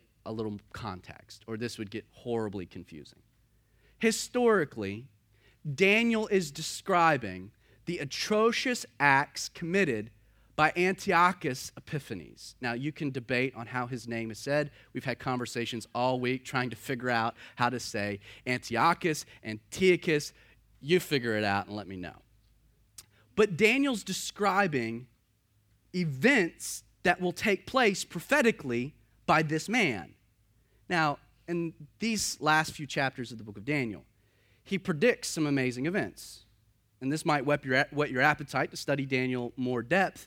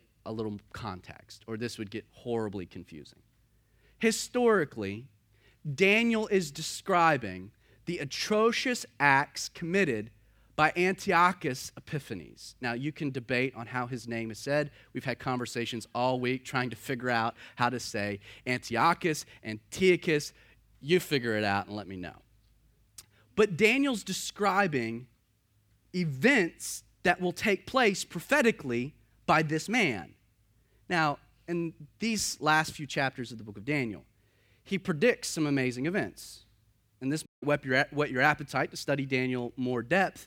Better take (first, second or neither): first